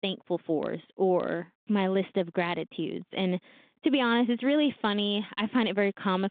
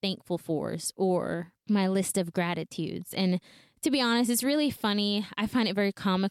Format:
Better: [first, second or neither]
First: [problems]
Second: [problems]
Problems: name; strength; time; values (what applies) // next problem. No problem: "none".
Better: second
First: phone-call audio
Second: none